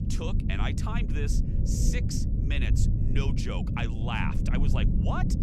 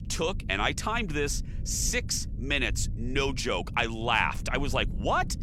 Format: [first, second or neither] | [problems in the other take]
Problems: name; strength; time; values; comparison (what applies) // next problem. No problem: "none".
second | low rumble; loud; throughout; 4 dB below the speech; faint in the second